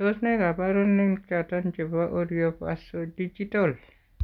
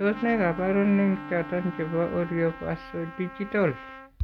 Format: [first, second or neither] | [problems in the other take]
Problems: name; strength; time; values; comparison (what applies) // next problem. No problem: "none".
first | background sound (Trumpet + Bowed string instrument); 13 dB below the speech